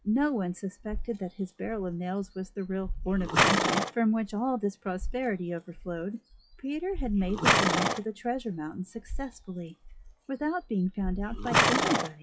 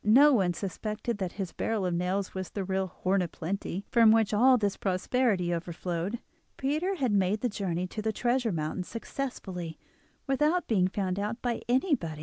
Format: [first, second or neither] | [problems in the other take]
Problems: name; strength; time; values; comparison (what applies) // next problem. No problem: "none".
second | noise reduction (classical method WPE with log-MMSE)